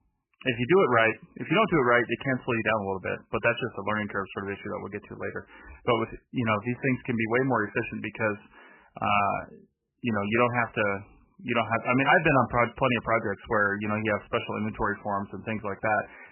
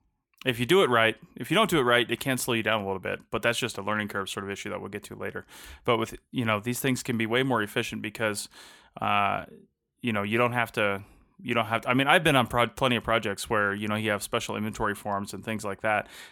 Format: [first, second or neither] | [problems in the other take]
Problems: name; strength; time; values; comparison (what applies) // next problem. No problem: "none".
second | garbled, watery; badly; nothing above 3 kHz